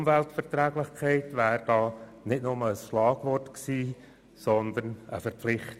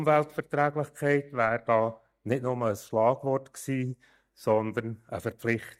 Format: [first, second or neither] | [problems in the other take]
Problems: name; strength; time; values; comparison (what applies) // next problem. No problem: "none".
first | noise reduction (neural mask model DeepFilterNet 3)